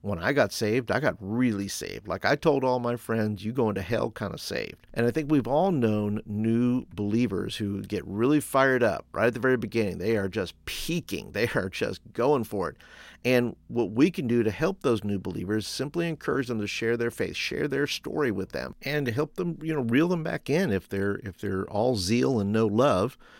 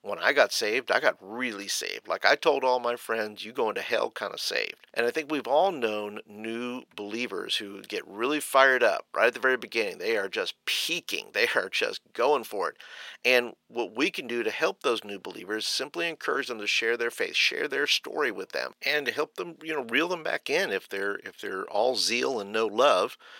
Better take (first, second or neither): first